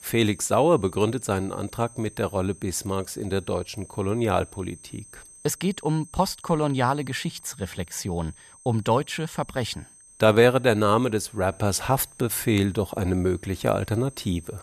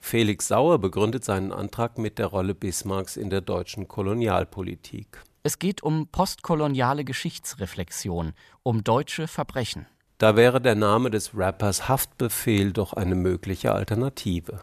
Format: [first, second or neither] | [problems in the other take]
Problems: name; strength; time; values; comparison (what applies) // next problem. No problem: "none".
second | high-pitched whine; faint; throughout; 8.5 kHz, 20 dB below the speech